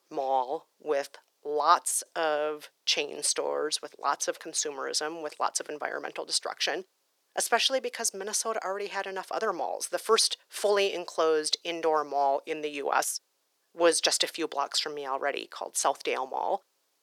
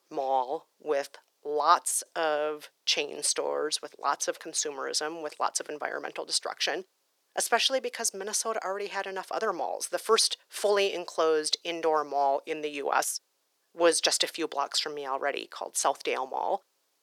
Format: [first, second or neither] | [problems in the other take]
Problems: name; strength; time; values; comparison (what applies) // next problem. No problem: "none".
neither | thin; very; fading below 400 Hz; the same in both